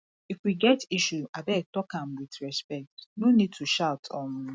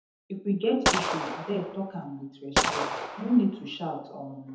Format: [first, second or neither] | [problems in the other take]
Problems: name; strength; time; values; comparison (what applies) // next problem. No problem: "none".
first | background sound (Gunshot, gunfire); as loud as the speech // room echo; dies away in 0.7 s